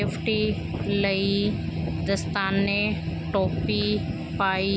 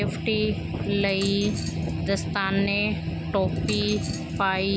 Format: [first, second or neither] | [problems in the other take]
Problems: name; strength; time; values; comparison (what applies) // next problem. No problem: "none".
first | background sound (Coin (dropping)); 17 dB below the speech